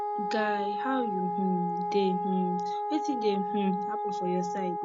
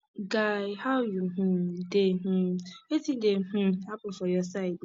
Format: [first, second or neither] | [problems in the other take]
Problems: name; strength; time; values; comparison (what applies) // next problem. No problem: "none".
second | background sound (Wind instrument, woodwind instrument); as loud as the speech